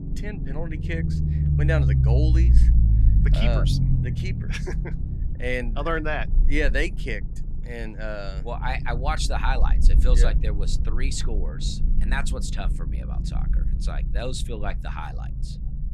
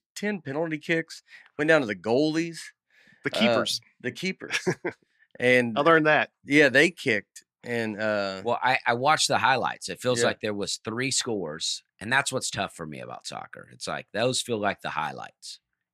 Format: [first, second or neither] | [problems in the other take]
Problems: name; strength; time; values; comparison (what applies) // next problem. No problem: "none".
second | low rumble; loud; throughout; 9 dB below the speech